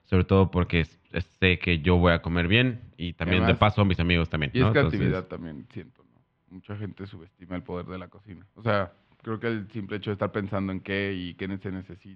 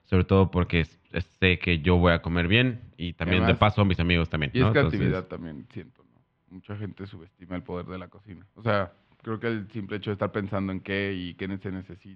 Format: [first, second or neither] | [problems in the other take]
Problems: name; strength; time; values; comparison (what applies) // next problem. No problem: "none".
neither | muffled; slightly; fading above 3 kHz; the same in both